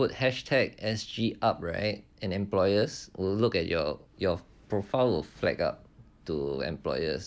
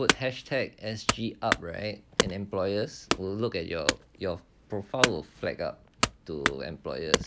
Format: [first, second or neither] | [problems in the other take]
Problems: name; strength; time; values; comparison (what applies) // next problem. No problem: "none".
first | background sound (Wood / Domestic sounds, home sounds); 1 dB above the speech